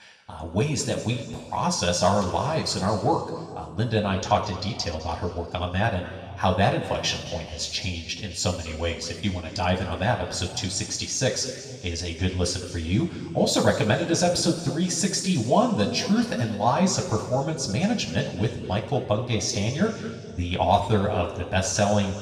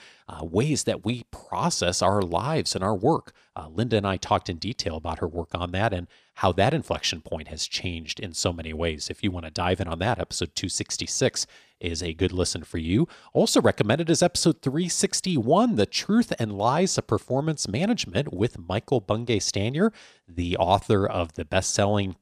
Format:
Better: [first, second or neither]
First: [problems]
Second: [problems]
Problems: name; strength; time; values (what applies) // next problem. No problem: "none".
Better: second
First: room echo; noticeable; dies away in 1.9 s // off-mic speech; somewhat distant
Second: none